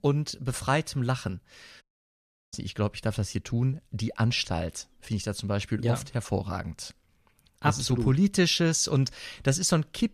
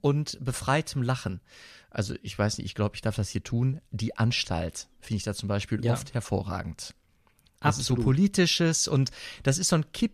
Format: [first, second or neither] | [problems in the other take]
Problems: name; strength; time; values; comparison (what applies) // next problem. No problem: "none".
second | audio cutting out; at 2 s for 0.5 s